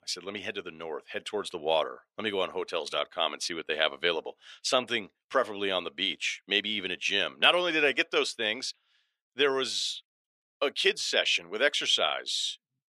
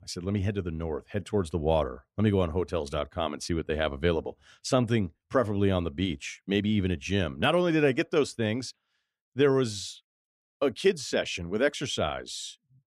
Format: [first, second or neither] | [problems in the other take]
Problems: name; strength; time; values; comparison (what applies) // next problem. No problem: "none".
second | thin; very; fading below 500 Hz